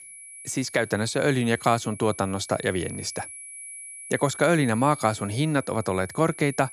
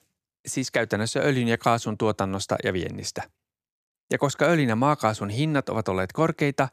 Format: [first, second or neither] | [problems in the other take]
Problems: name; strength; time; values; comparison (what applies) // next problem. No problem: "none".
second | high-pitched whine; noticeable; throughout; 10.5 kHz, 15 dB below the speech